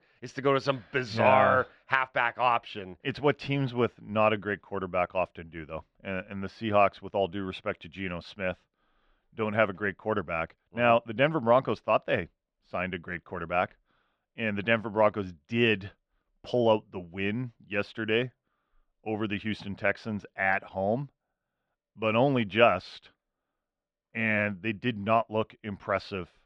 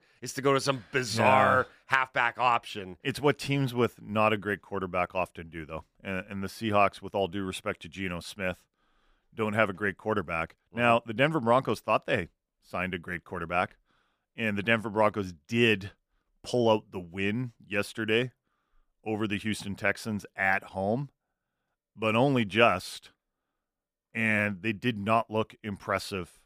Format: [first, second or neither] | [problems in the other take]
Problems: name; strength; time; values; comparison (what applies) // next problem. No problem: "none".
second | muffled; slightly; fading above 4 kHz